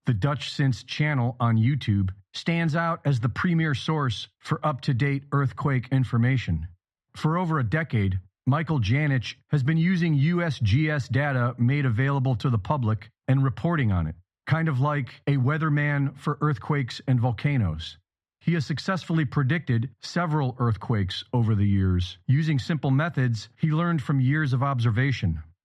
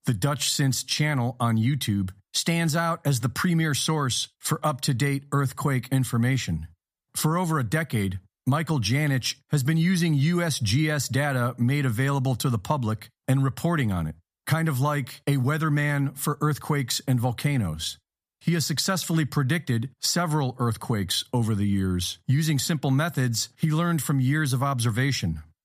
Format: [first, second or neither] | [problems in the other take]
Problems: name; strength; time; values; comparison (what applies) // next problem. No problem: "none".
second | muffled; slightly; fading above 2.5 kHz